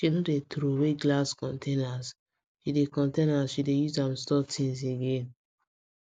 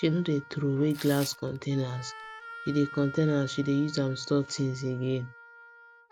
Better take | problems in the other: first | background sound (Wind instrument, woodwind instrument + Tearing); 16 dB below the speech

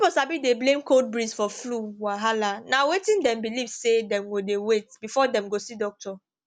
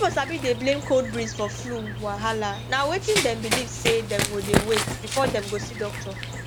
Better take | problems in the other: first | background sound (Run); 3 dB below the speech

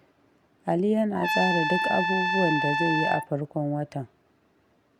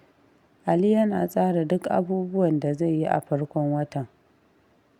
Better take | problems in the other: second | background sound (Trumpet); 1 dB above the speech

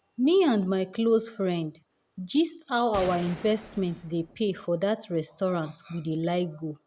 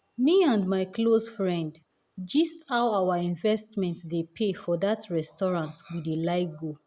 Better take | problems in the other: second | background sound (Gunshot, gunfire); 15 dB below the speech

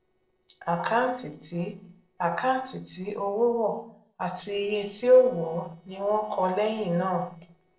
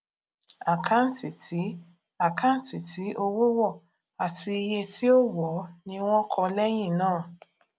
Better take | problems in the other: second | noise reduction (neural separator model SepFormer DNS4)

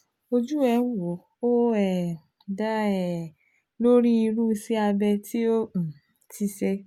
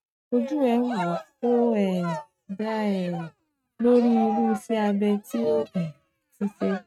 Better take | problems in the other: first | noise reduction (neural mask model RNNoise)

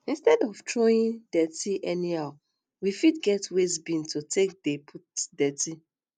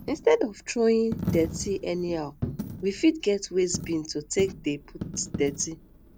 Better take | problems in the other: first | background sound (Coin (dropping)); 10 dB below the speech

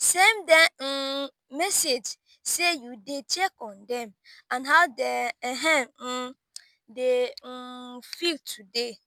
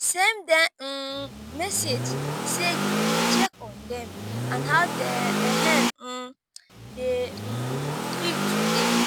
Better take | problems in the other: first | background sound (Accelerating, revving, vroom / Car); 2 dB above the speech

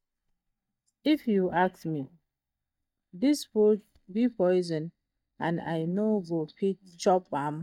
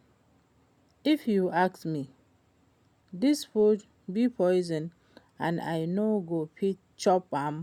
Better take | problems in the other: second | noise reduction (neural mask model DeepFilterNet 3)

